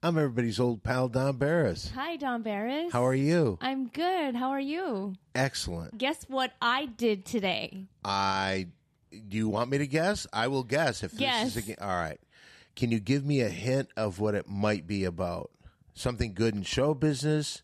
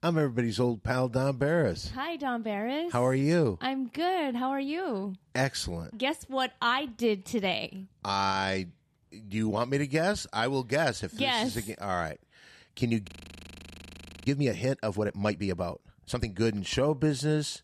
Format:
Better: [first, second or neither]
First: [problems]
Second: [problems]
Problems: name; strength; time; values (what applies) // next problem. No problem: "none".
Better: first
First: none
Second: audio freezing; at 13 s for 1 s